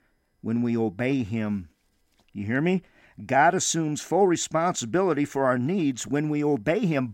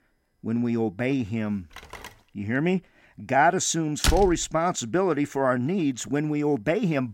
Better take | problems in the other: first | phone ringing; faint; at 1.5 s; peak 15 dB below the speech // door banging; noticeable; at 4 s; peak 1 dB below the speech

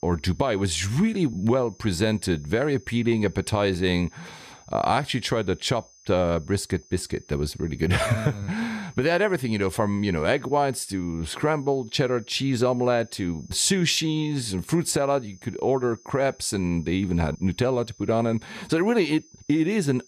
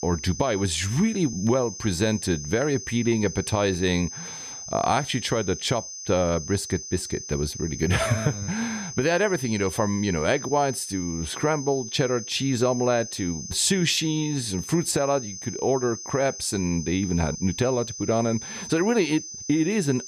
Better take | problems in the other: first | high-pitched whine; loud; throughout; 6 kHz, 10 dB below the speech; faint in the first

